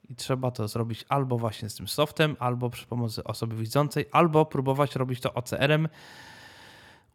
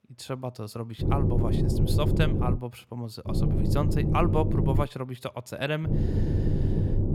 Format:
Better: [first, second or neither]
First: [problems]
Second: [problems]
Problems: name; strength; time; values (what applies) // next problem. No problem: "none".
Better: first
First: none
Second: low rumble; loud; from 1 to 2.5 s, from 3.5 to 5 s and from 6 s on; 2 dB below the speech